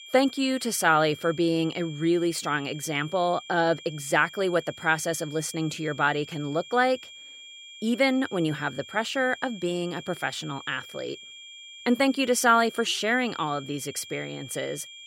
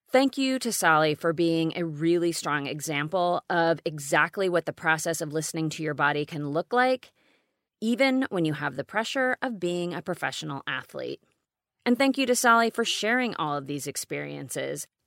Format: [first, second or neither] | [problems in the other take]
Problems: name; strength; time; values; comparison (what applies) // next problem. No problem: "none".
second | high-pitched whine; noticeable; throughout; 3 kHz, 15 dB below the speech